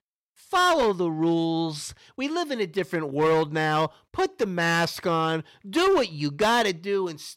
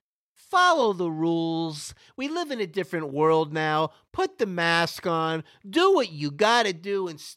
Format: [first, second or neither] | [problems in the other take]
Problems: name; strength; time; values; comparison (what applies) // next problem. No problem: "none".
second | distortion; slight; 6% of the sound clipped